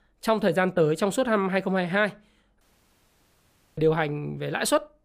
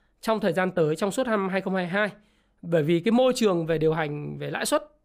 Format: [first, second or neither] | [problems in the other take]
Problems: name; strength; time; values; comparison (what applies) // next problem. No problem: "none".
second | audio cutting out; at 2.5 s for 1 s